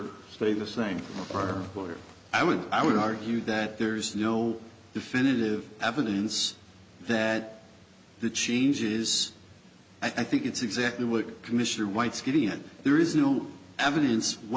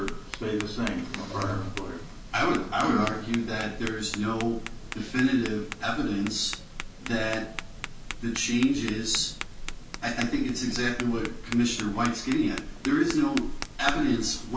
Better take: first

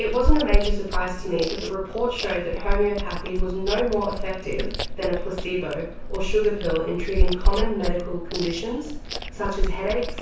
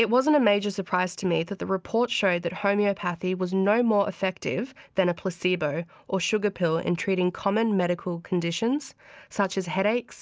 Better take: second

